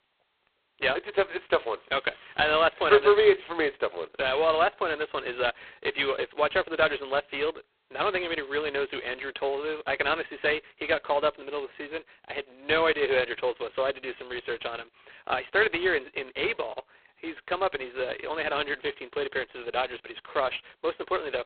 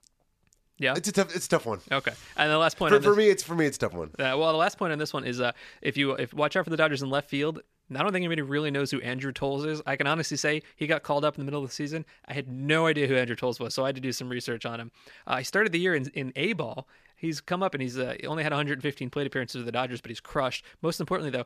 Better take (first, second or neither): second